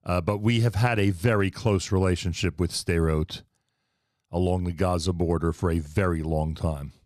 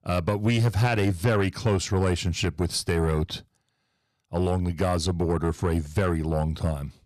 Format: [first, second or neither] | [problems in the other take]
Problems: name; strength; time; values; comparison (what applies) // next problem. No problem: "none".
first | distortion; slight; 10 dB below the speech